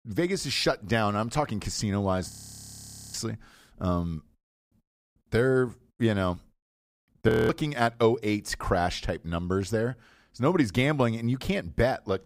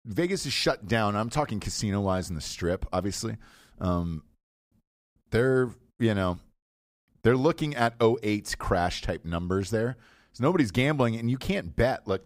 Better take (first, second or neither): second